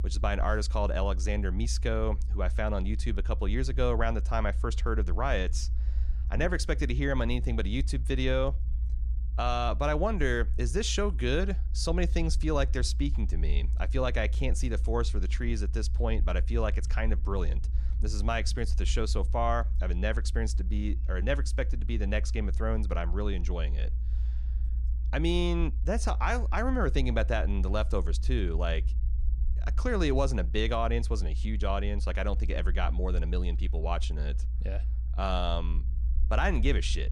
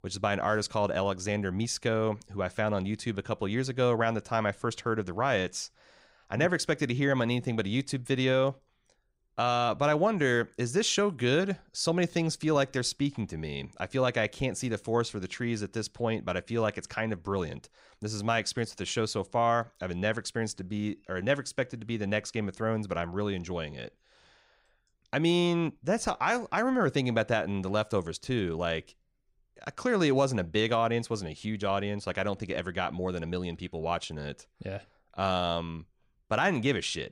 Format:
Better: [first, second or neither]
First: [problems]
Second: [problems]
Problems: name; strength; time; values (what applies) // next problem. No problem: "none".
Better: second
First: low rumble; noticeable; throughout; 20 dB below the speech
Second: none